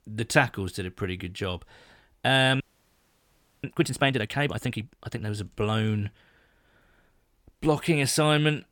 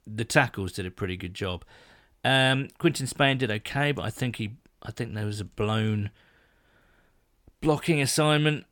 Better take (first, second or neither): second